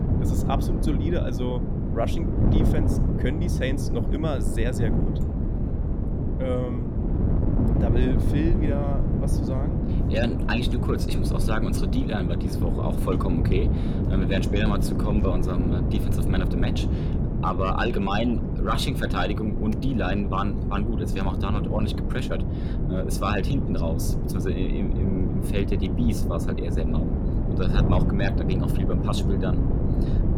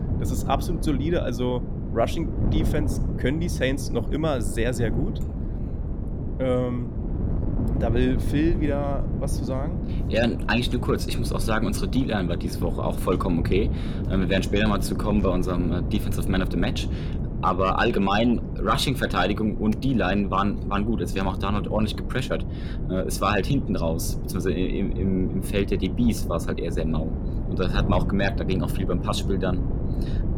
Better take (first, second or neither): second